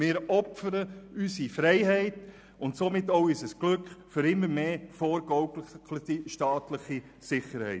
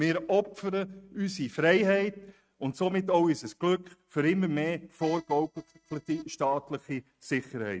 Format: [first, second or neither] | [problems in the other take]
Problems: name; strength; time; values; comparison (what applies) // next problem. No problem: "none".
first | noise reduction (neural mask model RNNoise)